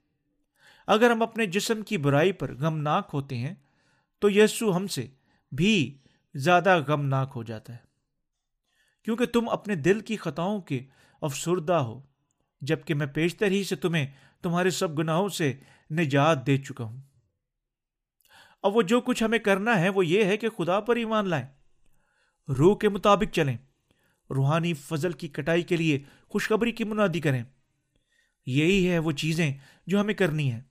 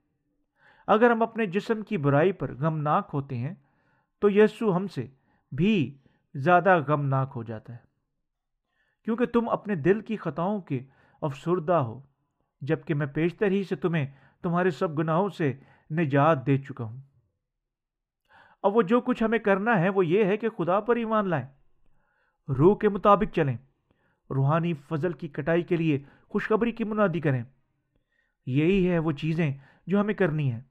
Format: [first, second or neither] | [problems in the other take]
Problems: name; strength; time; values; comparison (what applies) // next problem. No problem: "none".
first | muffled; very; fading above 3.5 kHz